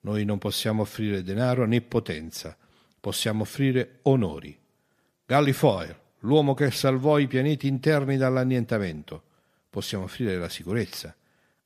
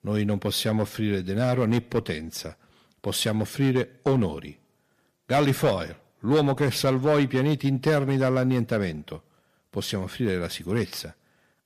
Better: first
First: none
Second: distortion; slight; 3% of the sound clipped

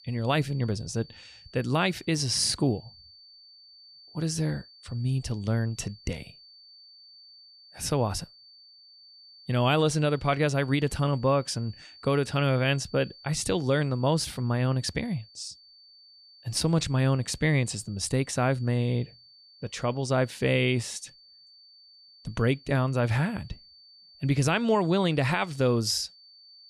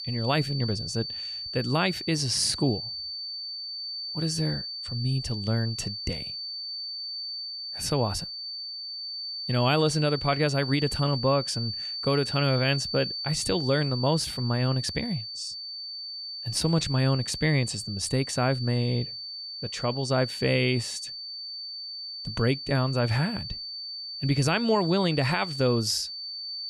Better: first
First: high-pitched whine; faint; throughout; 4.5 kHz, 25 dB below the speech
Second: high-pitched whine; loud; throughout; 4.5 kHz, 6 dB below the speech

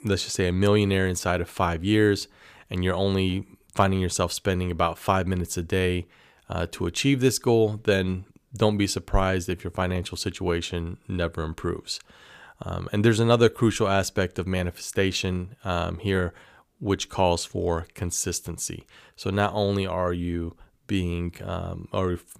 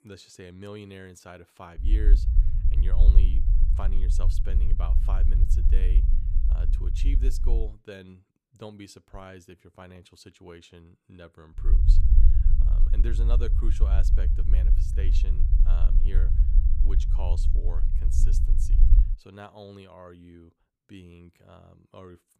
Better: first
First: none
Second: low rumble; loud; from 2 to 7.5 s and from 12 to 19 s; 2 dB below the speech

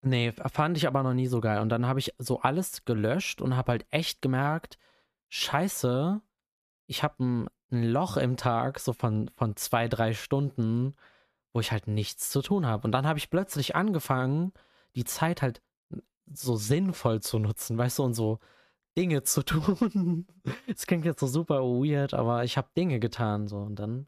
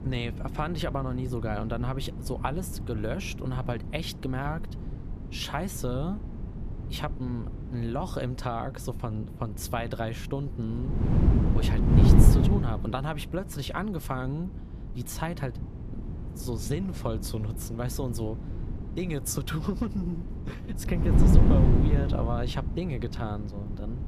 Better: first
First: none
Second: wind noise on the microphone; heavy; 4 dB below the speech

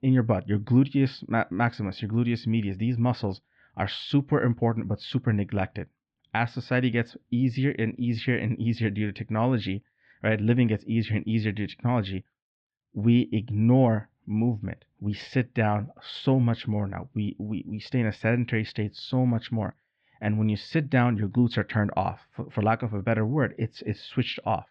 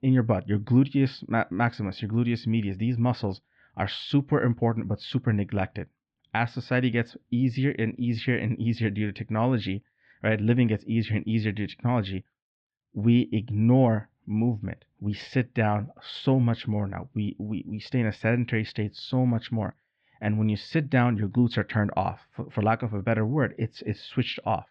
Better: neither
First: muffled; slightly; fading above 4 kHz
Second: muffled; slightly; fading above 4 kHz

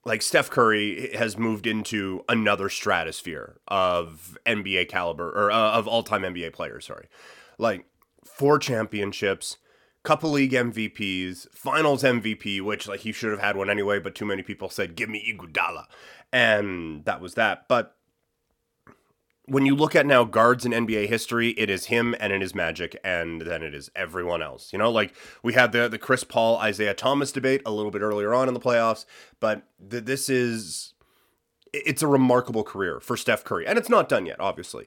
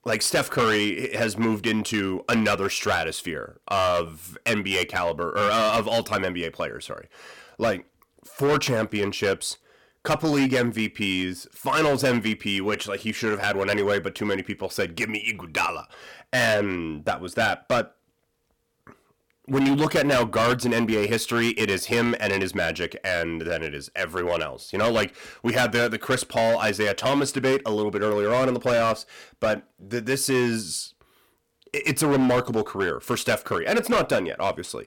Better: first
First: none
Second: distortion; heavy; 9% of the sound clipped

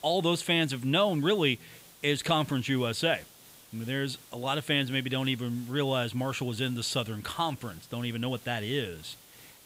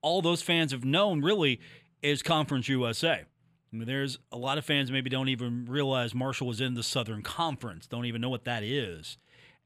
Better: second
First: hiss; faint; throughout; 20 dB below the speech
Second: none

